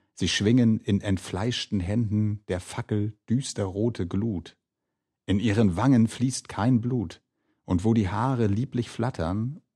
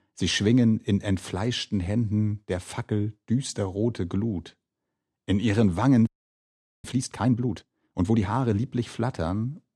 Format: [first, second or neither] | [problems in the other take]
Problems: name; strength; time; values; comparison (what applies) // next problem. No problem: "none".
first | audio freezing; at 6 s for 1 s